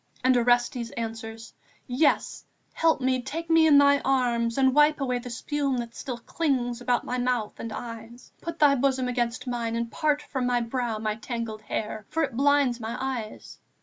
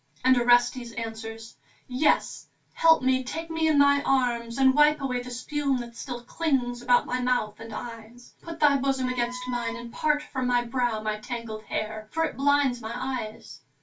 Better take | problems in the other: first | background sound (Wind instrument, woodwind instrument); 15 dB below the speech // room echo; dies away in 0.2 s

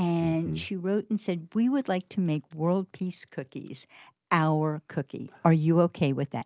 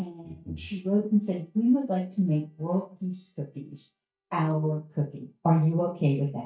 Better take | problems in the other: first | noise reduction (neural mask model DeepFilterNet 3)

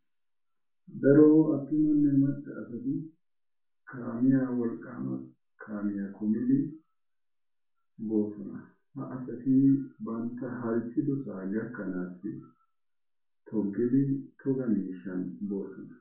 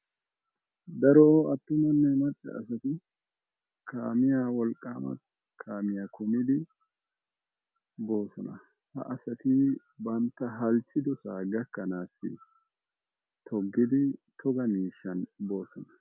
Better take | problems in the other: second | room echo; dies away in 0.3 s

